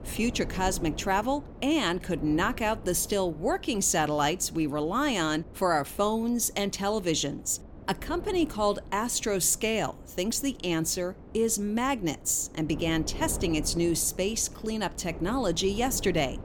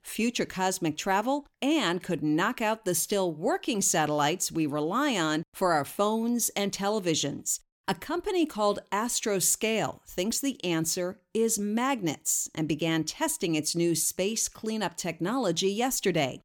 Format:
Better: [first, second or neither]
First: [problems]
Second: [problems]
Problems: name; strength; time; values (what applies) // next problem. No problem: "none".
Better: second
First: wind noise on the microphone; occasional gusts; 20 dB below the speech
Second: none